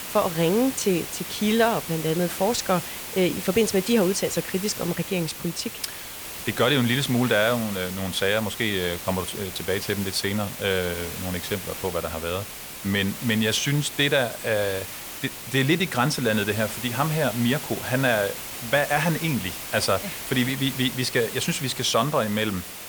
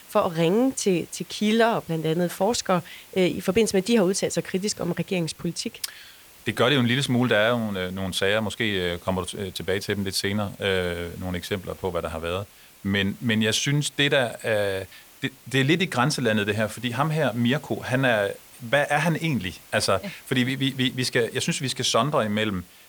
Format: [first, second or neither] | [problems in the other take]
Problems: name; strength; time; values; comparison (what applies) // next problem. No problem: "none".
second | hiss; loud; throughout; 8 dB below the speech; faint in the second